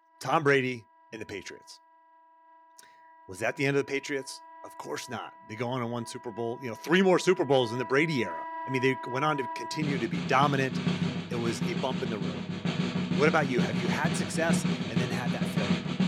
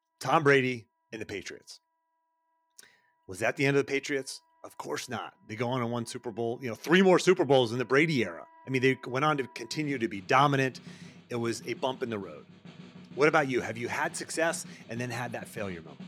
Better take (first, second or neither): second